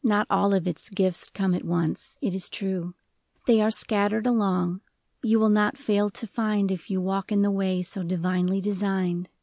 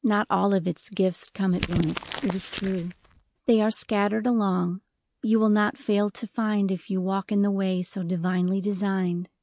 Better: first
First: none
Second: noise reduction (neural mask model RNNoise)

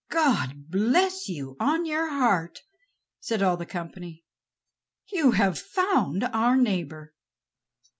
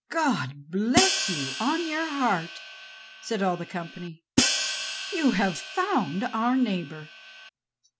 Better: first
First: none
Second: background sound (Hi-hat); 3 dB below the speech

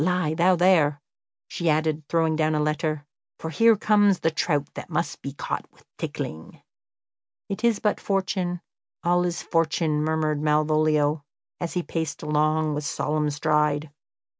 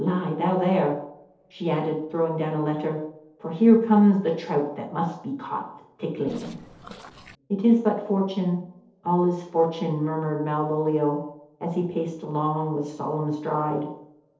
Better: first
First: none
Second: noise reduction (neural separator model SepFormer DNS4)

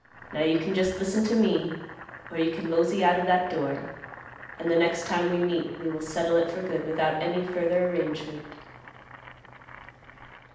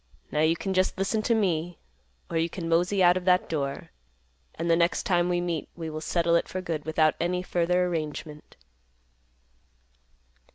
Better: second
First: background sound (Boiling); 17 dB below the speech // room echo; dies away in 0.8 s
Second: none

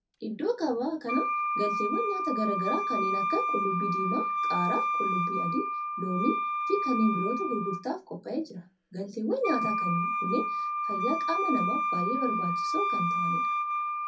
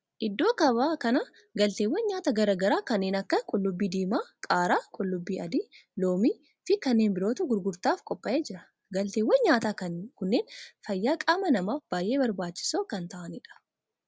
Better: second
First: background sound (Wind instrument, woodwind instrument); 2 dB above the speech // room echo; dies away in 0.3 s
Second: none

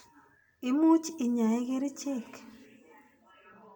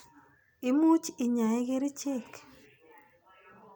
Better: second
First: room echo; dies away in 1.8 s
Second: none

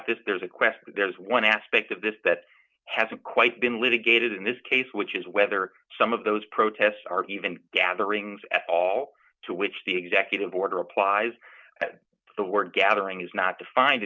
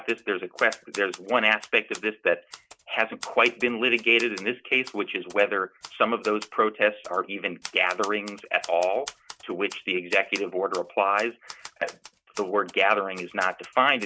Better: first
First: none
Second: background sound (Typewriter); 20 dB below the speech

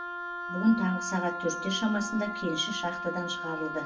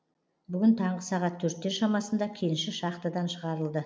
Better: second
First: background sound (Wind instrument, woodwind instrument); 5 dB below the speech // room echo; dies away in 0.1 s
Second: none

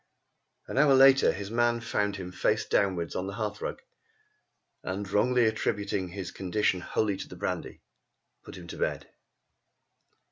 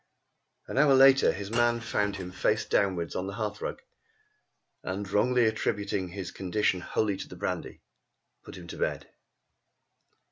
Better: first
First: none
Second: background sound (Shatter / Crushing); 17 dB below the speech

